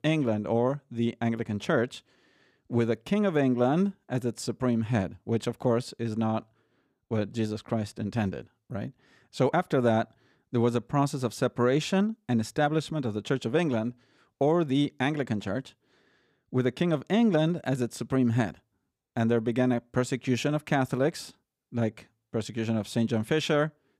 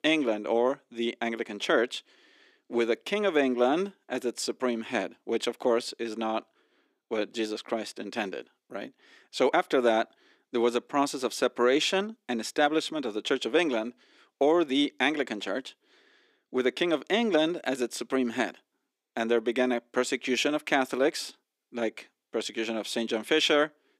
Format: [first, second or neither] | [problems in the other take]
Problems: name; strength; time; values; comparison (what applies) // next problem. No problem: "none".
first | thin; somewhat; fading below 300 Hz